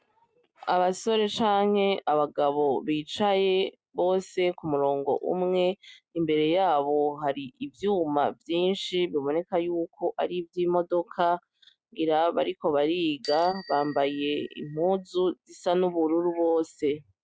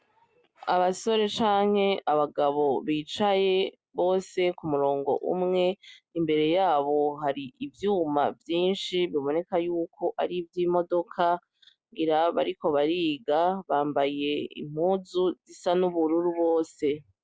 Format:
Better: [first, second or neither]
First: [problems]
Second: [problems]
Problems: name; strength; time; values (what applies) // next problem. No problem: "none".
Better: second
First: noise reduction (neural mask model RNNoise)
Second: none